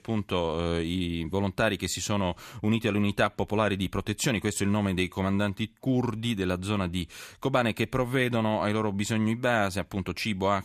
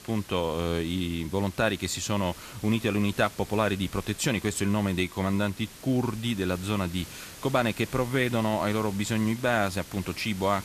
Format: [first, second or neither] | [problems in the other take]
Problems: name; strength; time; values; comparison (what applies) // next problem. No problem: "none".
first | hiss; noticeable; throughout; 15 dB below the speech